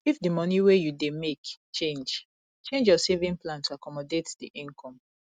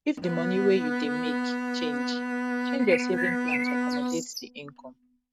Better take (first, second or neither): first